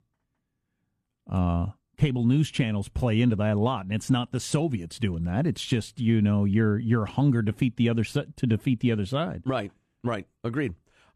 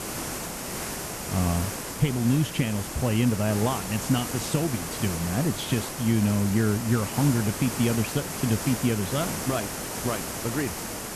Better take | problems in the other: first | hiss; loud; throughout; 5 dB below the speech

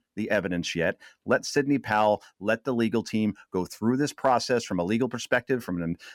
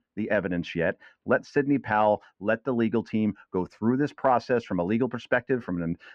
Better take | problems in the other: first | muffled; very; fading above 2 kHz

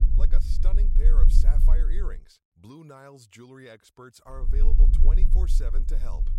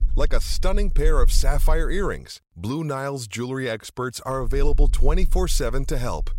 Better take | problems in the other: second | low rumble; loud; until 2 s and from 4.5 s on; 3 dB below the speech; faint in the second

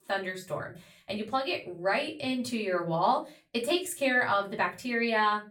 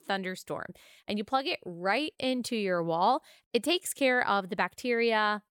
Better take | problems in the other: second | off-mic speech; far // room echo; very slight; dies away in 0.3 s

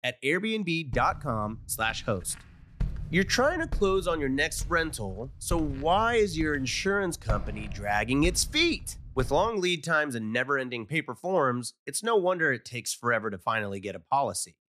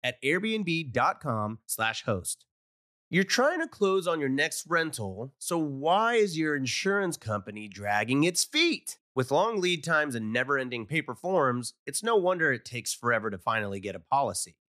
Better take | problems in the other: second | footsteps; noticeable; from 1 to 9.5 s; peak 7 dB below the speech

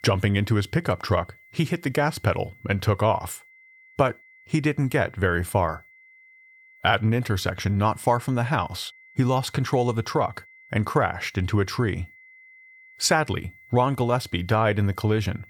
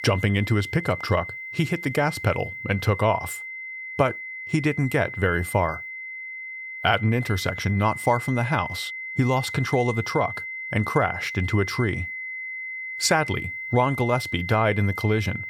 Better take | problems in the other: first | high-pitched whine; loud; throughout; 2 kHz, 8 dB below the speech; faint in the first

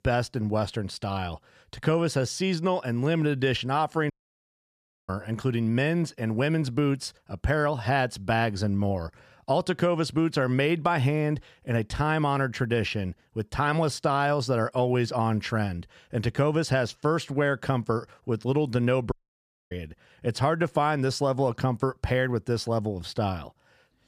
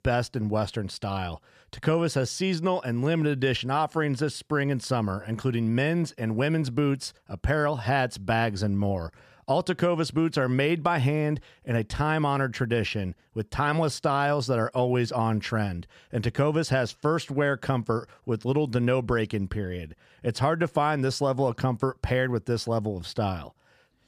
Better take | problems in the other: second | audio cutting out; at 4 s for 1 s and at 19 s for 0.5 s

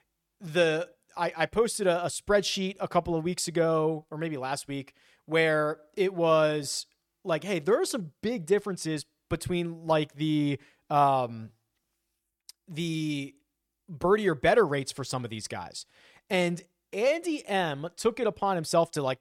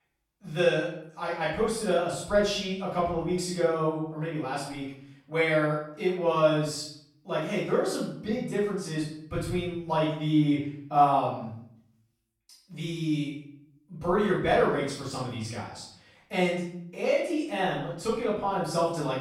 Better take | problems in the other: first | off-mic speech; far // room echo; noticeable; dies away in 0.6 s

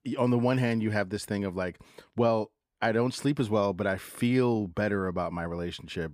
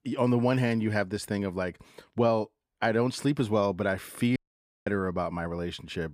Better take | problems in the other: first | audio cutting out; at 4.5 s for 0.5 s

